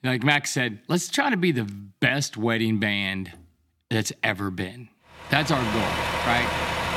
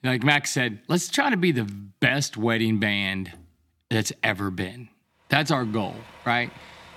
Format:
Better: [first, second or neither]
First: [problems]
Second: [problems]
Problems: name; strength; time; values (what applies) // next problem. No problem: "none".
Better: second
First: traffic noise; loud; from 5.5 s on; 2 dB below the speech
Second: traffic noise; faint; from 5.5 s on; 25 dB below the speech